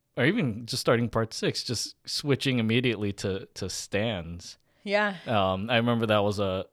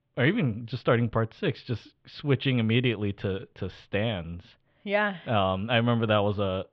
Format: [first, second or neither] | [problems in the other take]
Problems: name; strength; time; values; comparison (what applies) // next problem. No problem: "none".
first | muffled; very; fading above 3.5 kHz